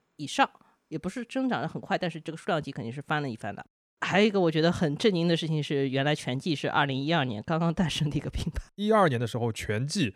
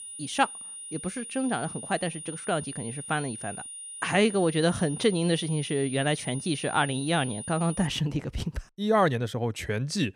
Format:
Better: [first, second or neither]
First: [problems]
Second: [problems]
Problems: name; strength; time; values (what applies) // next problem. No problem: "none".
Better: first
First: none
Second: high-pitched whine; loud; until 8 s; 9.5 kHz, 10 dB below the speech